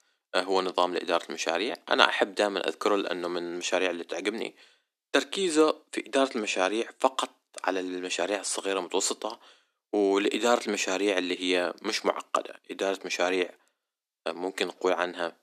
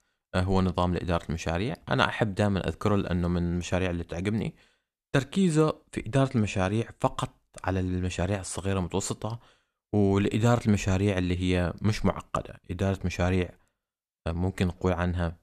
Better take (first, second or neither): second